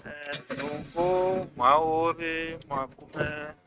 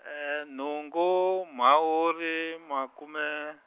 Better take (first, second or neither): second